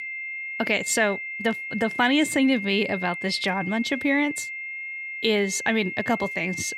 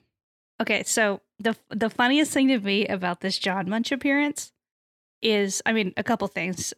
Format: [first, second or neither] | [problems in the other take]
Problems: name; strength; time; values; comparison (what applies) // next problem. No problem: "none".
second | high-pitched whine; loud; throughout; 2 kHz, 7 dB below the speech